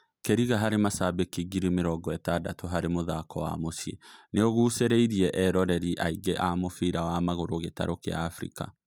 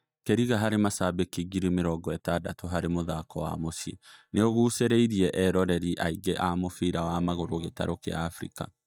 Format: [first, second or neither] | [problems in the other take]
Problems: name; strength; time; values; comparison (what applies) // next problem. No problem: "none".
first | noise reduction (neural mask model DeepFilterNet 3)